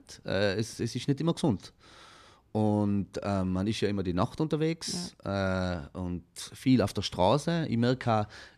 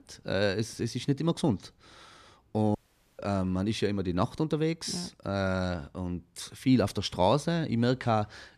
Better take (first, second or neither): first